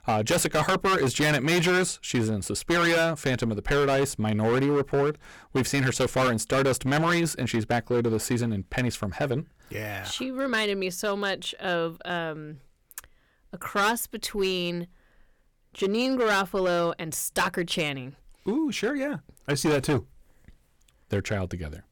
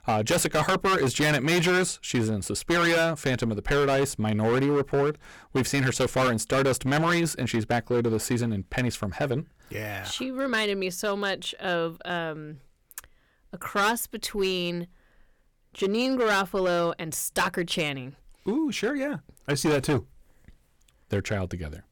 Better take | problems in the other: neither | distortion; heavy; 11% of the sound clipped; the same in both

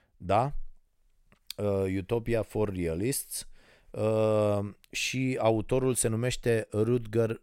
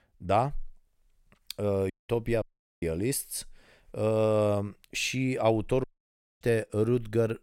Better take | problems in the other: first | audio cutting out; at 2 s, at 2.5 s and at 6 s for 0.5 s

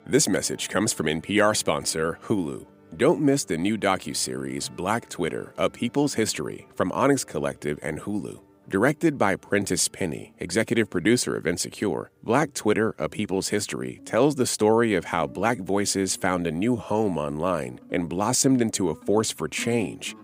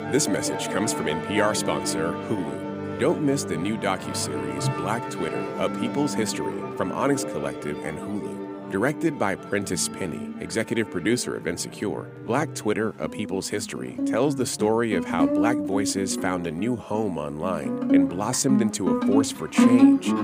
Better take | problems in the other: first | background music; loud; throughout; as loud as the speech; faint in the first

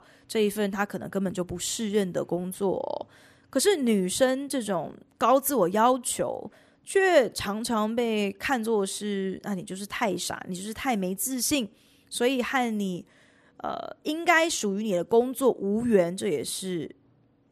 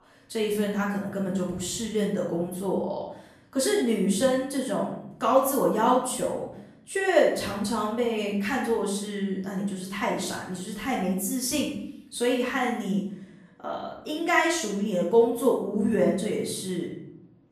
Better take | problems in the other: first | room echo; noticeable; dies away in 0.7 s // off-mic speech; far

